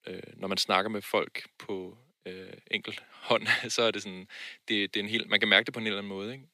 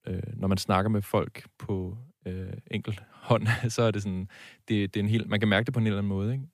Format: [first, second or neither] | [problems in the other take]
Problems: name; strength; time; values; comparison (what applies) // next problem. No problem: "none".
second | thin; somewhat; fading below 350 Hz